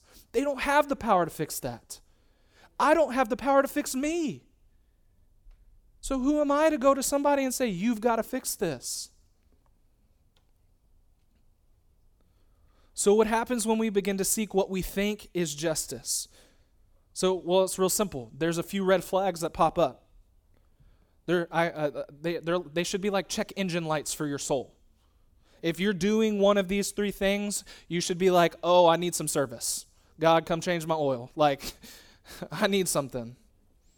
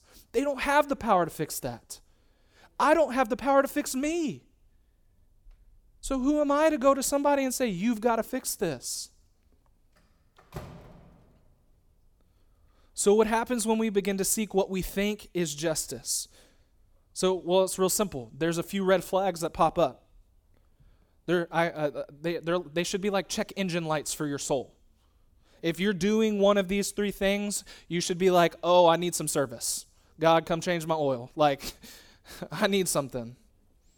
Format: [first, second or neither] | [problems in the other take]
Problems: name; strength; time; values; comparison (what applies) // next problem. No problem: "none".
first | door banging; faint; at 11 s; peak 15 dB below the speech